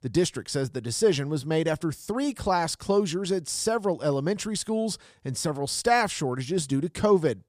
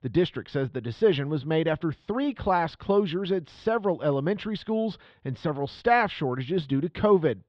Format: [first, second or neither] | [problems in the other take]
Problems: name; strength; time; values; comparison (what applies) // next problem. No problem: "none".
first | muffled; very; fading above 3.5 kHz